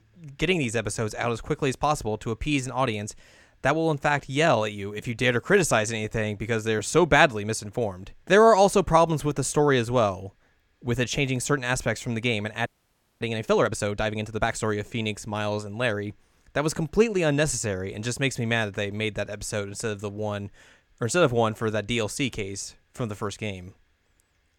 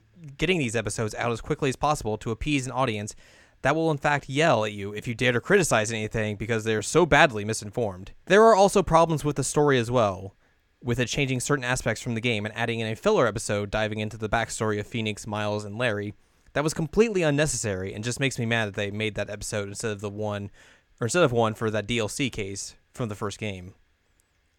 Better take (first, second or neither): second